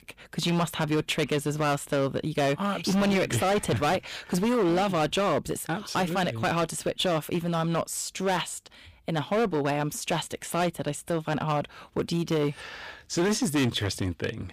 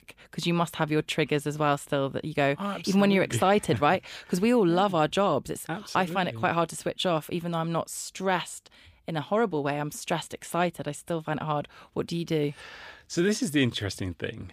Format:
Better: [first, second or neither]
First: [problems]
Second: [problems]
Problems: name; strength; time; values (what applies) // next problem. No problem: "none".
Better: second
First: distortion; heavy; 13% of the sound clipped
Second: none